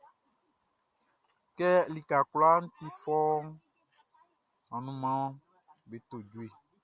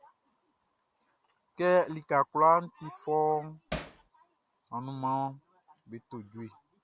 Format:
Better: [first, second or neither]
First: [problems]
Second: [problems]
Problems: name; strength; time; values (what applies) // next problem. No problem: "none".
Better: first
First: none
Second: background sound (Hammer); 8 dB below the speech